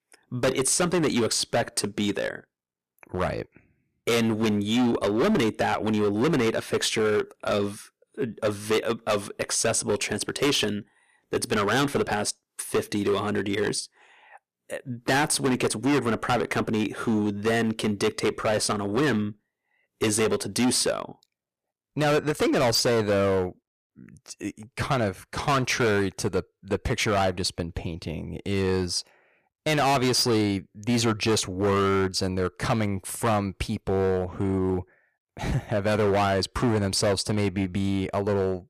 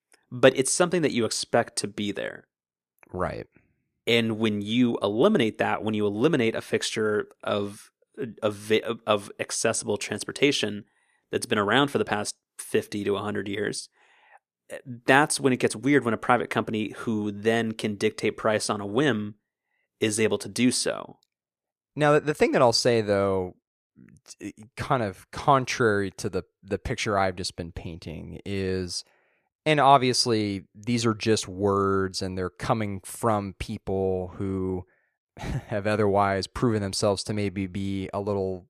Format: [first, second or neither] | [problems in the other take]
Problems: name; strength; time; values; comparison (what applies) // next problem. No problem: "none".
second | distortion; heavy; 12% of the sound clipped